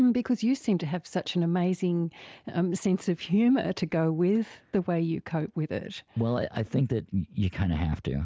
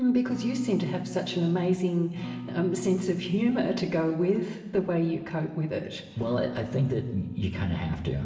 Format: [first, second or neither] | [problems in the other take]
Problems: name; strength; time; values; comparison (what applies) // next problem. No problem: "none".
first | background sound (Acoustic guitar / Strum); 11 dB below the speech // room echo; dies away in 1.3 s